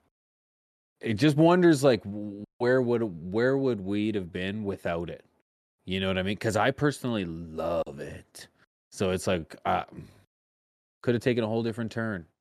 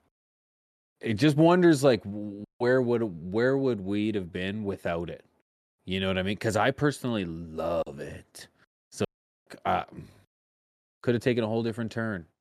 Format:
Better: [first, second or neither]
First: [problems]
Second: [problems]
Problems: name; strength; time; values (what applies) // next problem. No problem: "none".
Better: first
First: none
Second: audio cutting out; at 9 s